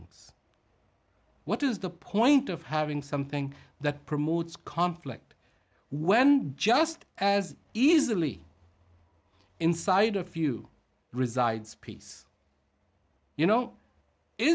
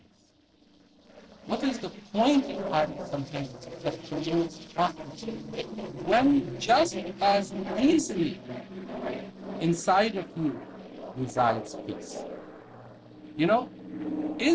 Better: first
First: none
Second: noise reduction (neural separator model SepFormer DNS4)

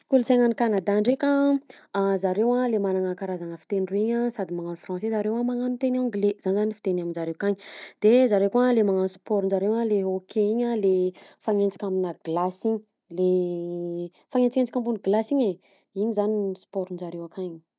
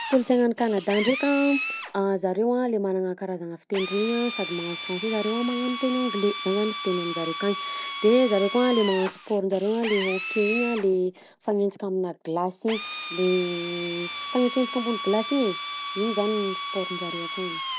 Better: first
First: none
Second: background sound (Drill); 8 dB below the speech

